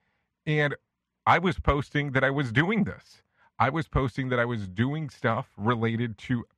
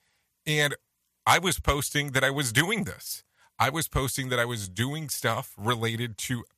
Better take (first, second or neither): second